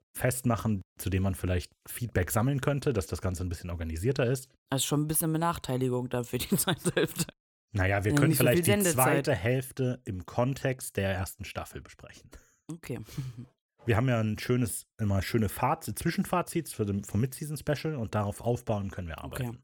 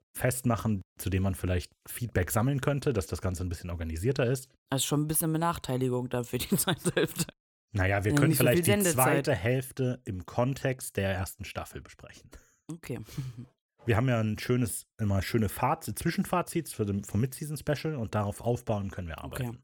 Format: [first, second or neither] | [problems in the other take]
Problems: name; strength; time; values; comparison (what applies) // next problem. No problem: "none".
neither | none